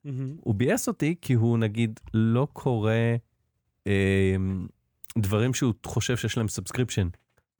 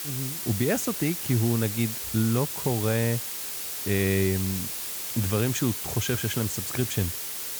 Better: first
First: none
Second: hiss; loud; throughout; 3 dB below the speech

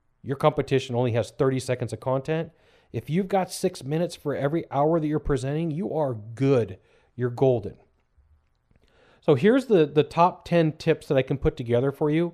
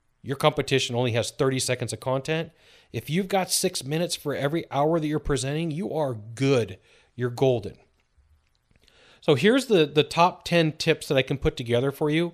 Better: second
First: muffled; slightly; fading above 2 kHz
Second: none

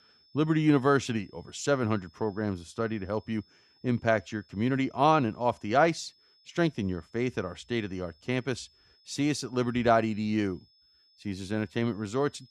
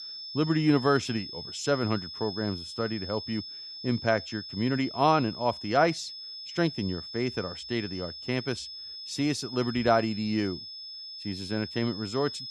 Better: first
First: high-pitched whine; faint; throughout; 5 kHz, 30 dB below the speech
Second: high-pitched whine; loud; throughout; 5 kHz, 9 dB below the speech

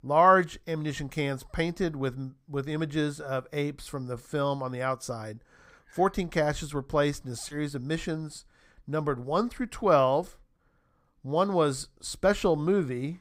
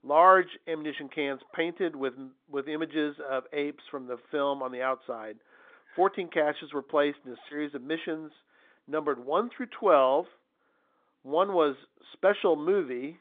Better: first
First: none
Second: phone-call audio

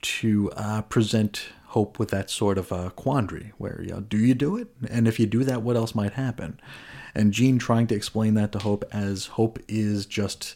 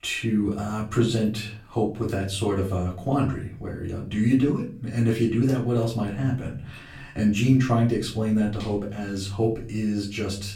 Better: first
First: none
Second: off-mic speech; far // room echo; slight; dies away in 0.4 s

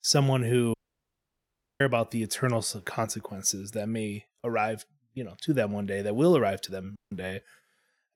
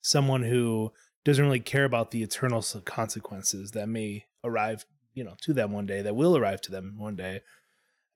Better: second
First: audio cutting out; at 0.5 s for 1 s and at 7 s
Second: none

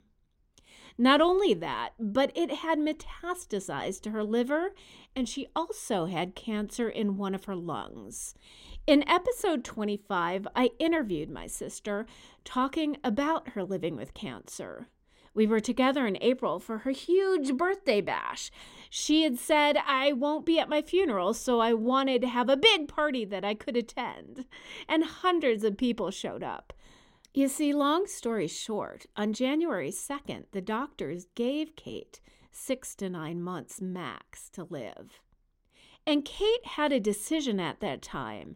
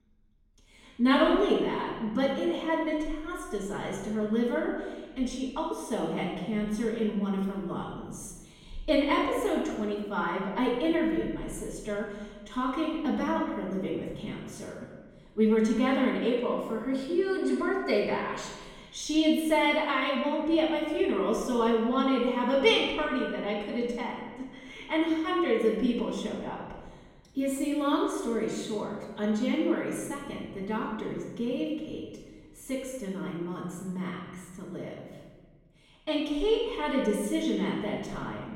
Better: first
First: none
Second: off-mic speech; far // room echo; noticeable; dies away in 1.5 s

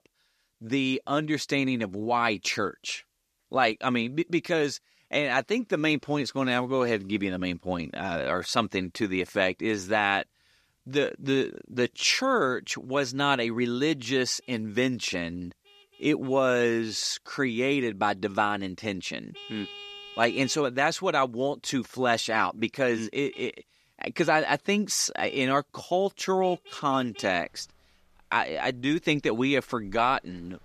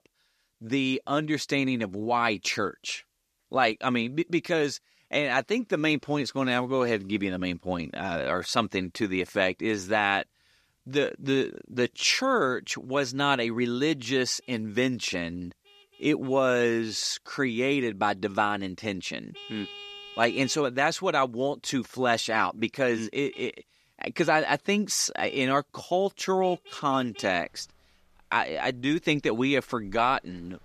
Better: neither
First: traffic noise; noticeable; throughout; 20 dB below the speech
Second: traffic noise; noticeable; throughout; 20 dB below the speech

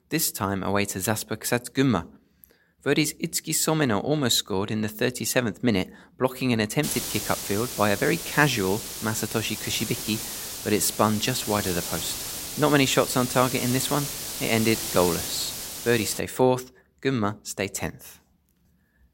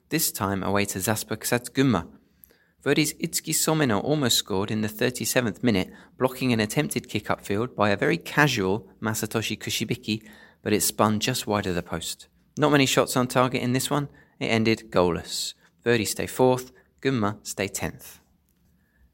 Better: second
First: hiss; loud; from 7 to 16 s; 6 dB below the speech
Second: none

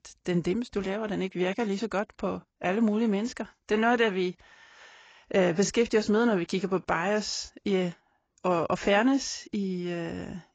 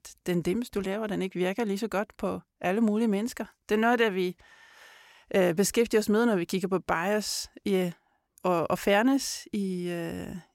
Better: second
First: garbled, watery; badly; nothing above 7.5 kHz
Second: none

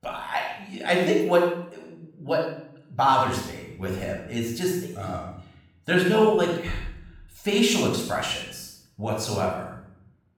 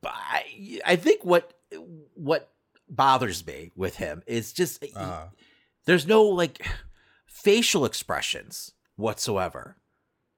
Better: second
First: off-mic speech; somewhat distant // room echo; noticeable; dies away in 0.6 s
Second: none

